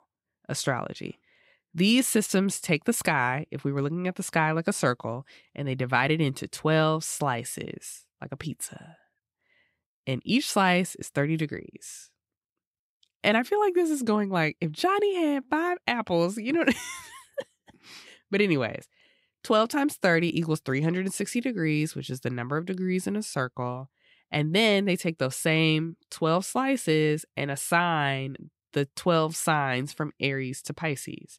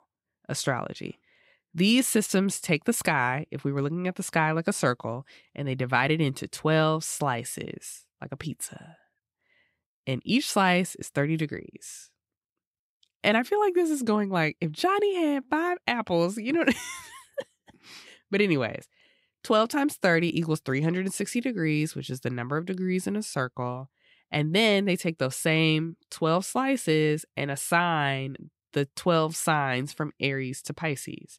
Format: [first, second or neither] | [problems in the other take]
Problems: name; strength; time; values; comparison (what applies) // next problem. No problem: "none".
neither | none